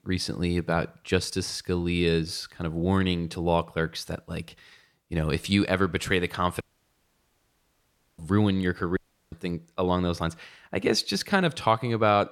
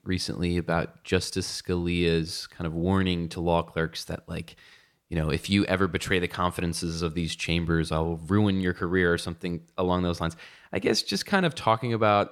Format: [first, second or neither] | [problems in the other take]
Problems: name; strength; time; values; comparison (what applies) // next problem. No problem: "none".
second | audio cutting out; at 6.5 s for 1.5 s and at 9 s